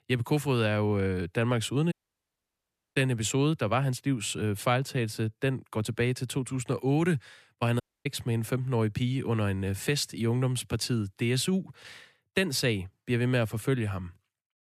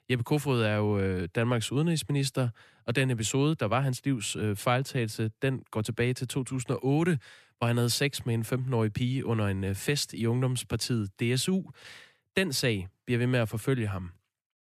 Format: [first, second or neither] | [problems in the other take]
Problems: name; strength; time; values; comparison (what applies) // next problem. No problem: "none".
second | audio cutting out; at 2 s for 1 s and at 8 s